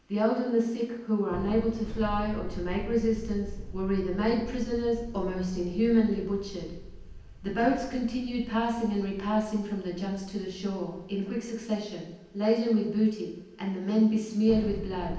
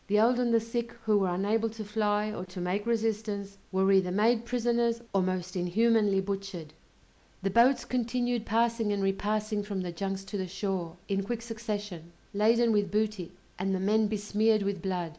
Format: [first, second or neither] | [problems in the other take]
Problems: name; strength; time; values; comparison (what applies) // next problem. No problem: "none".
second | background sound (Thunder); 12 dB below the speech // room echo; dies away in 0.9 s